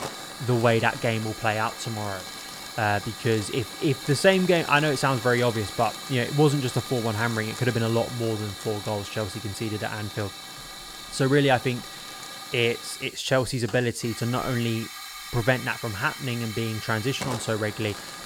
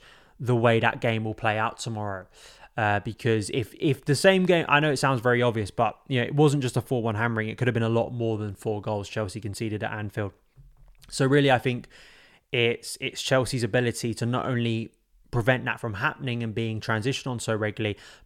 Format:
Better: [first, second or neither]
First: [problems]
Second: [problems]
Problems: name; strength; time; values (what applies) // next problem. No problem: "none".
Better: second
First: hiss; noticeable; throughout; 10 dB below the speech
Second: none